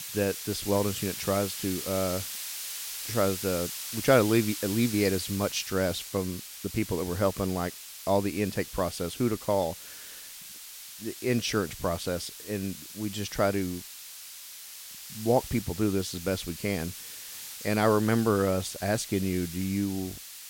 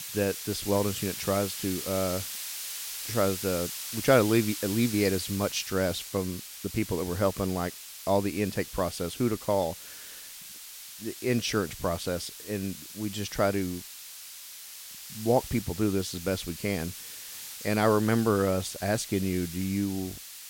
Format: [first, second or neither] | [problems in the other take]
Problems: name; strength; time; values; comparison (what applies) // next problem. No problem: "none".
neither | hiss; loud; throughout; 9 dB below the speech; the same in both